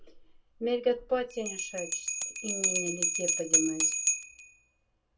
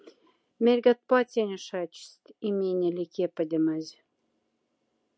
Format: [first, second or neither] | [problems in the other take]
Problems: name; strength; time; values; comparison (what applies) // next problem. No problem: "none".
second | background sound (Bell); 3 dB above the speech // room echo; dies away in 0.2 s